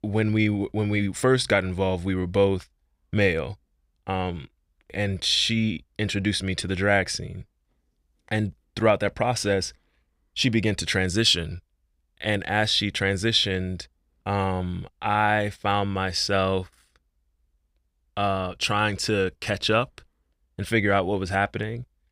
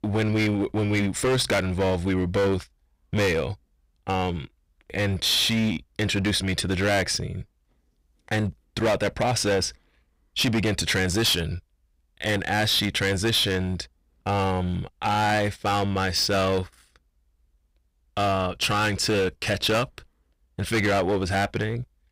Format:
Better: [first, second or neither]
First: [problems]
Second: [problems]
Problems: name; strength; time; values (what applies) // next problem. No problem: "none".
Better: first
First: none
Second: distortion; heavy; 13% of the sound clipped